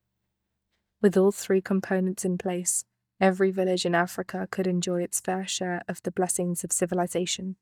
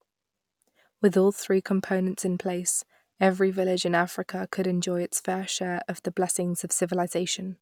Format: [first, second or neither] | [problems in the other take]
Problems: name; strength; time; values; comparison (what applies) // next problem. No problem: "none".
second | noise reduction (neural mask model DeepFilterNet 3)